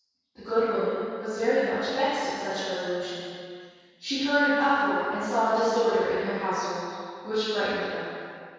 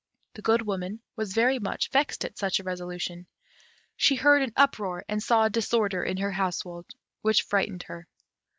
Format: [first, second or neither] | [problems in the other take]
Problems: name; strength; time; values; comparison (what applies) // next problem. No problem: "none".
second | room echo; dies away in 2.2 s